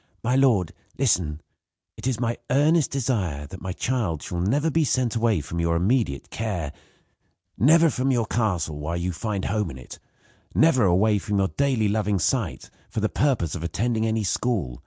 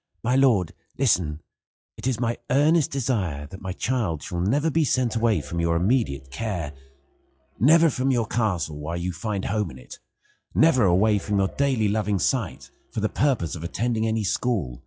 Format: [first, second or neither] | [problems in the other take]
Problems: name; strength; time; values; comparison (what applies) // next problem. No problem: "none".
first | noise reduction (classical method log-MMSE)